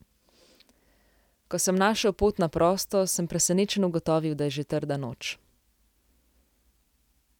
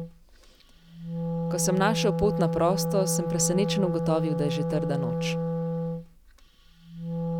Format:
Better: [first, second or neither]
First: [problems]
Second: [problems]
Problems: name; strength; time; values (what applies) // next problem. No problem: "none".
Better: first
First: none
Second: background sound (Wind instrument, woodwind instrument); as loud as the speech